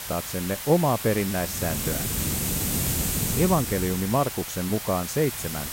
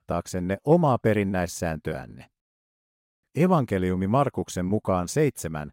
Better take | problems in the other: second | hiss; loud; throughout; 2 dB below the speech

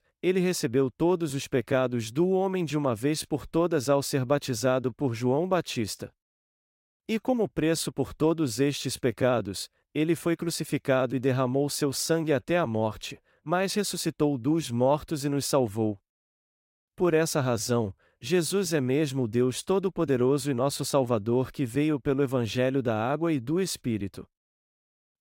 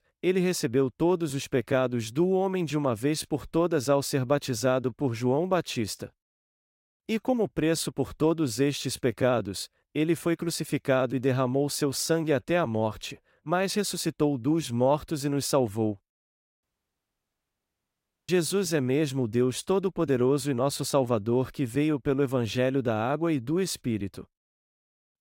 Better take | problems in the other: first | audio cutting out; at 17 s for 1.5 s

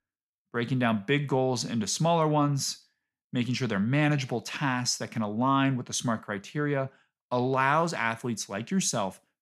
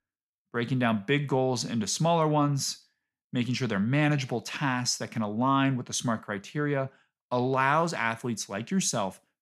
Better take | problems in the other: neither | none

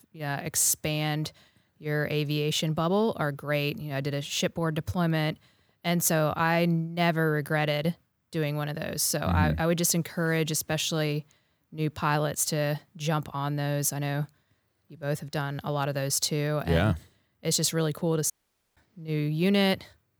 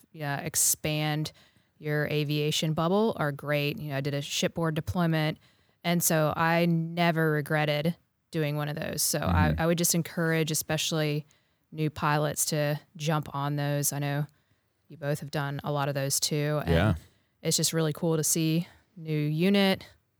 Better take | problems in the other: second | audio cutting out; at 18 s

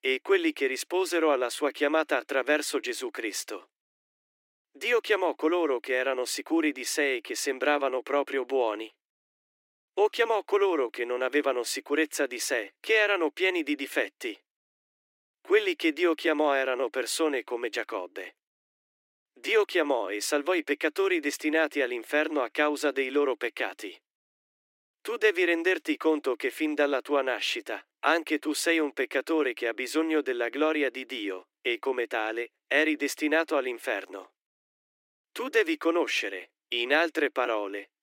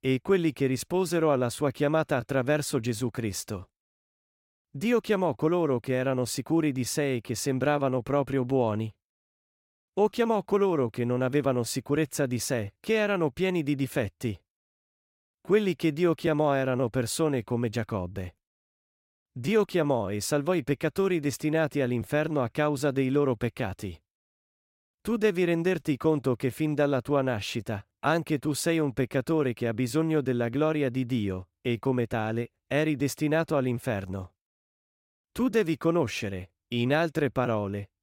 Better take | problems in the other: second | thin; somewhat; fading below 300 Hz

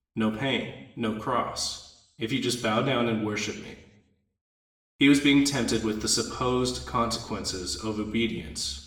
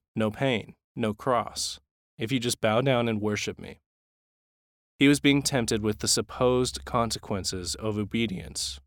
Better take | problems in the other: second | room echo; slight; dies away in 0.8 s // off-mic speech; somewhat distant

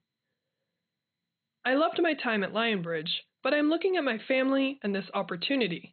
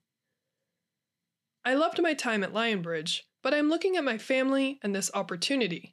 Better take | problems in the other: second | garbled, watery; badly; nothing above 4 kHz

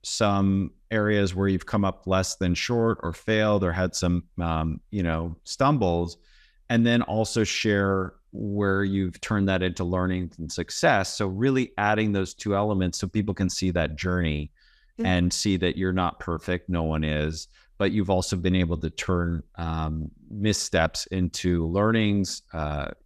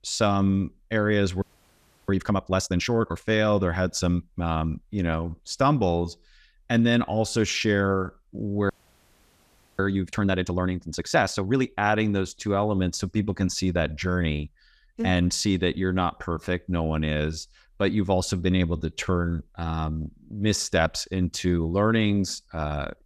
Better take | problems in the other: first | audio freezing; at 1.5 s for 0.5 s and at 8.5 s for 1 s

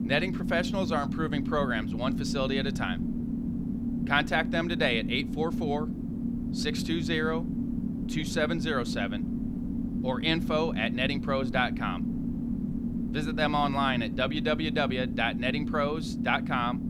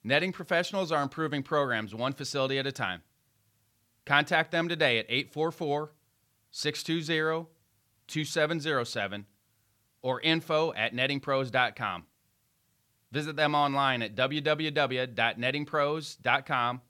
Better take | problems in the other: second | low rumble; loud; throughout; 9 dB below the speech

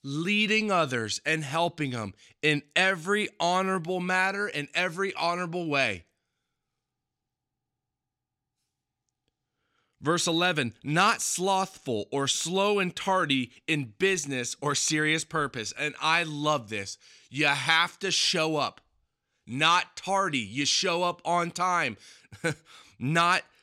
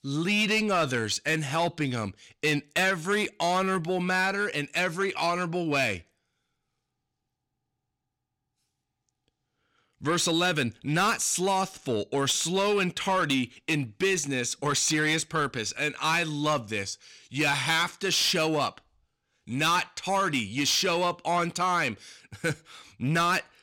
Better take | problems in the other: first | distortion; slight; 10 dB below the speech

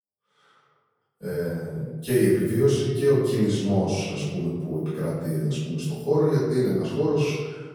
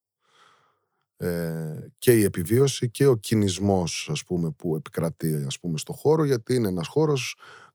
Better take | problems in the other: second | off-mic speech; far // room echo; strong; dies away in 1.3 s

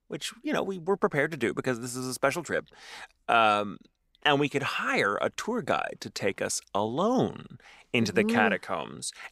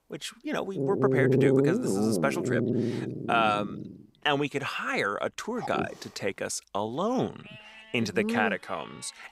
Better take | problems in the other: first | animal sounds; very loud; throughout; 2 dB above the speech

